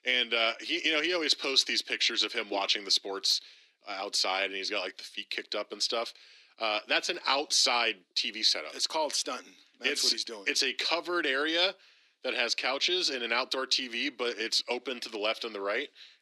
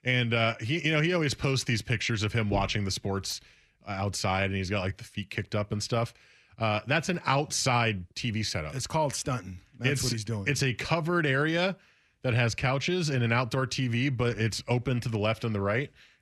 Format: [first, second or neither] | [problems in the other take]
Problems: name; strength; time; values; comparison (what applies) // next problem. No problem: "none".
second | thin; very; fading below 300 Hz